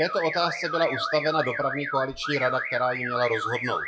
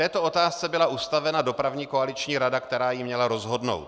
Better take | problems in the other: second | noise reduction (classical method WPE with log-MMSE)

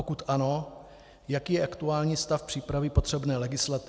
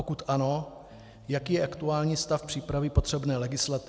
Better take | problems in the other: first | background sound (Electric guitar); 19 dB below the speech

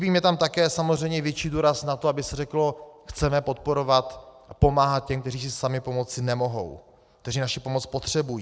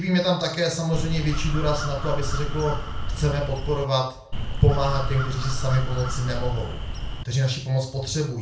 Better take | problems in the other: first | background sound (Crow); 2 dB below the speech // room echo; dies away in 0.3 s

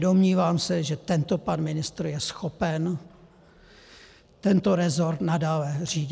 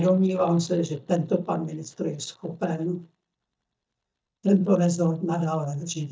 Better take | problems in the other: first | noise reduction (neural mask model DeepFilterNet 3)

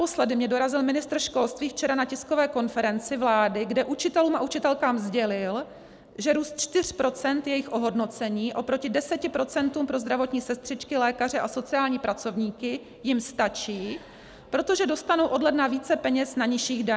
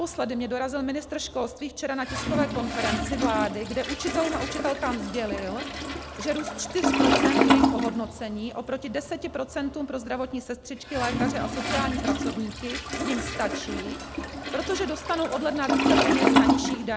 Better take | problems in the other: first | background sound (Toilet flush); 2 dB above the speech

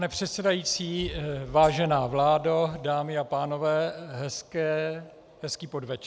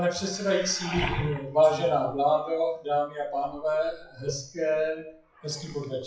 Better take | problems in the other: first | noise reduction (classical method WPE with log-MMSE)

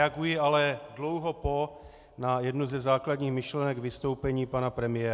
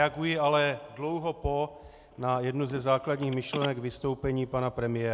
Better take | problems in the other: first | background sound (Telephone); 15 dB below the speech

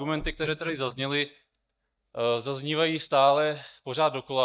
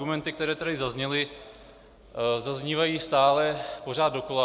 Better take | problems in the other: second | noise reduction (neural mask model DeepFilterNet 3)

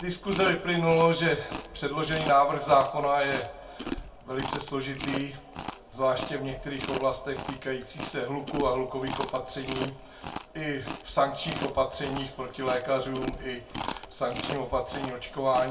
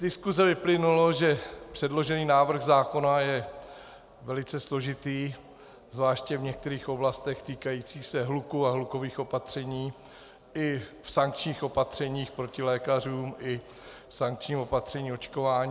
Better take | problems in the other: second | background sound (Chewing, mastication); 10 dB below the speech // room echo; dies away in 0.2 s

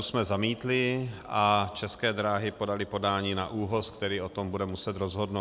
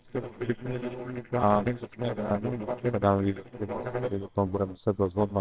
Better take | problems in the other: first | noise reduction (neural separator model SepFormer WHAMR!)

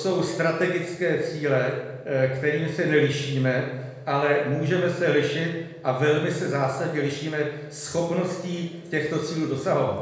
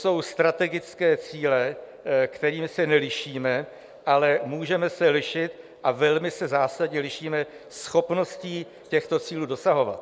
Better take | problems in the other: second | room echo; dies away in 0.9 s

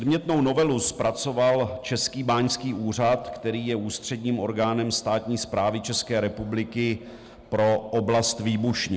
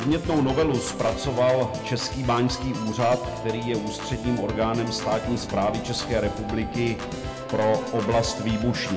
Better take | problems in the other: first | background sound (Organ); 7 dB below the speech // room echo; dies away in 0.7 s

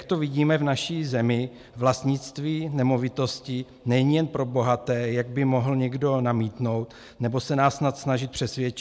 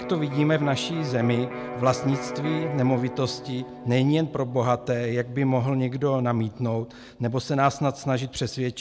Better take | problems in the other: first | background sound (Electric guitar); 12 dB below the speech

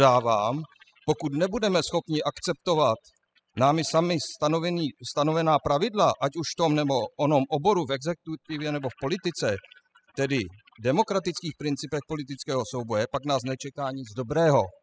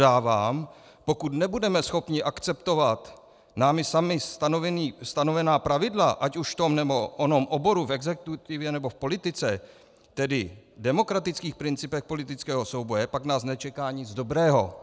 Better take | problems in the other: second | noise reduction (classical method spectral subtraction)

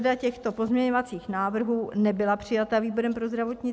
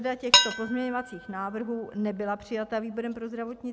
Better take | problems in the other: first | background sound (Dishes, pots, and pans); 2 dB above the speech

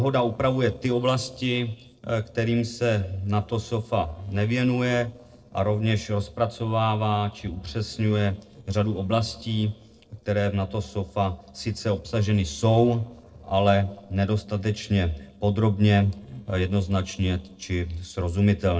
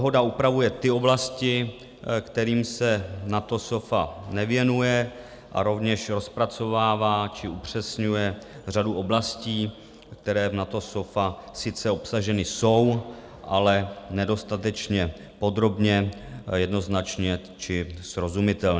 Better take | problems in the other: second | noise reduction (neural separator model SepFormer DNS4)

